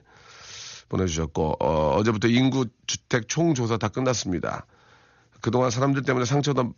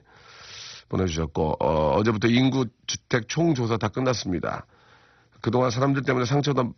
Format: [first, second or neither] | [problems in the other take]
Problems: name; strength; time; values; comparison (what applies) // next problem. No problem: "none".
first | garbled, watery; badly; nothing above 6 kHz; slightly in the first